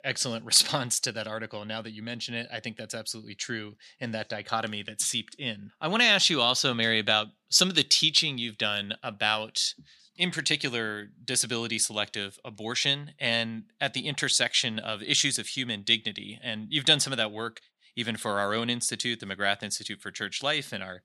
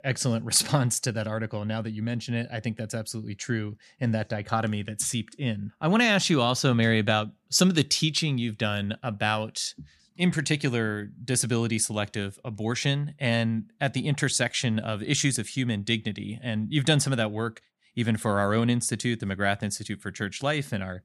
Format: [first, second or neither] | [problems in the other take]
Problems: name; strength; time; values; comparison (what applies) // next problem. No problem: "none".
second | thin; somewhat; fading below 450 Hz